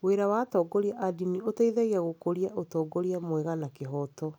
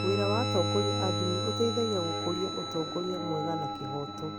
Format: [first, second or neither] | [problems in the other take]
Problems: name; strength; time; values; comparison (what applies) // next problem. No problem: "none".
first | background sound (Bowed string instrument + Guitar); as loud as the speech